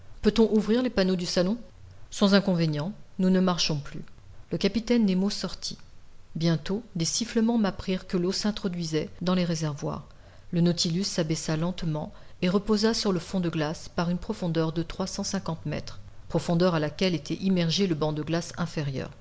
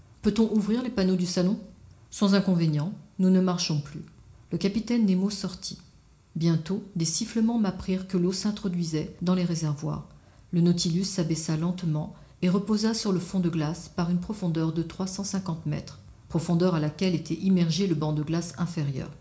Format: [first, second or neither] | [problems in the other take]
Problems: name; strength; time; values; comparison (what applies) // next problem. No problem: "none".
first | room echo; dies away in 0.4 s